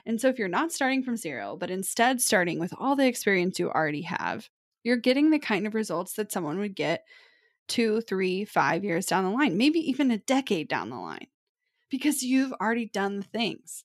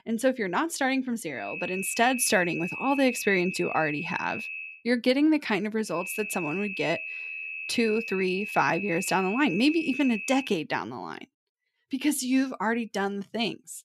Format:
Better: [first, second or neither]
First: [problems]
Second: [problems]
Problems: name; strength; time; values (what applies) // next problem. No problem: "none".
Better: first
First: none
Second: high-pitched whine; loud; from 1.5 to 4.5 s and from 6 to 10 s; 2.5 kHz, 7 dB below the speech